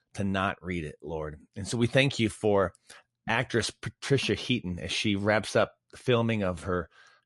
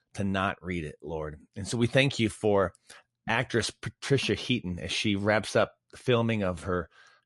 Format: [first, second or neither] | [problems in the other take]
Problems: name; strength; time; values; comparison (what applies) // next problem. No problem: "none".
neither | garbled, watery; slightly; nothing above 11 kHz; the same in both